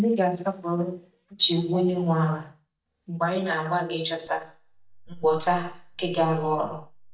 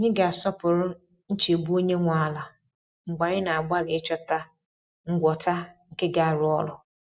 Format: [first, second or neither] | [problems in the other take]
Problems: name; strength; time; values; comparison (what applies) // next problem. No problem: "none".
second | noise reduction (neural mask model DeepFilterNet 3)